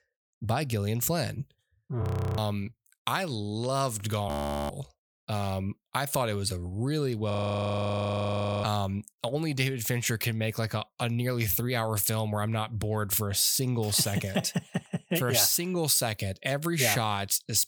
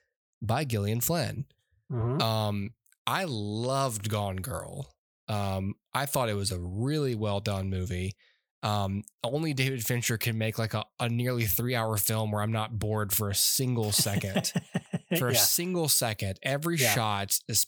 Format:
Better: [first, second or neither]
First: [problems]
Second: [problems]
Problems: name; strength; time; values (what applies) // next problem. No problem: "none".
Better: second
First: audio freezing; at 2 s, at 4.5 s and at 7.5 s for 1.5 s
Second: none